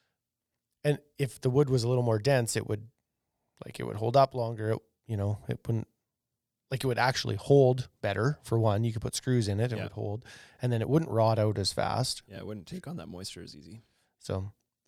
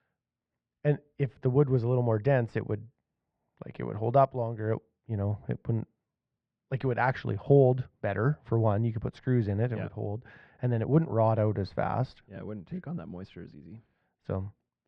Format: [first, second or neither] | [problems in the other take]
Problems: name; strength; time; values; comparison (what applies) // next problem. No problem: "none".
first | muffled; very; fading above 2 kHz